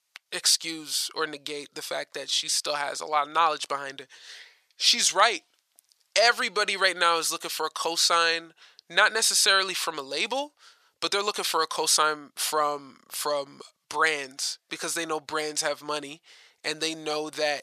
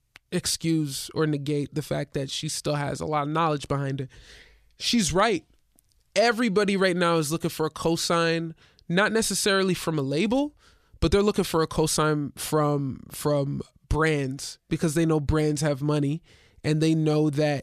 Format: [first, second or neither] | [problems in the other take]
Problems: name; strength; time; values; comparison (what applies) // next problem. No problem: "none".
second | thin; very; fading below 850 Hz